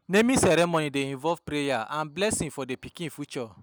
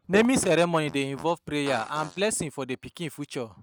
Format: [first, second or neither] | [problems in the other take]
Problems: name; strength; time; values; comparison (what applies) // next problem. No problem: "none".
first | noise reduction (neural mask model RNNoise)